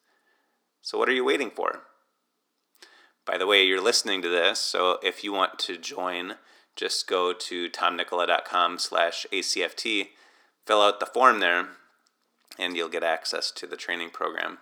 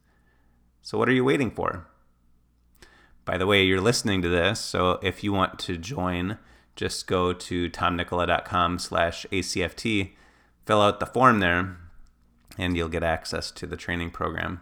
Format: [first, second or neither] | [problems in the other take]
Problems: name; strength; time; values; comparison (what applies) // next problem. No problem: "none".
second | thin; somewhat; fading below 350 Hz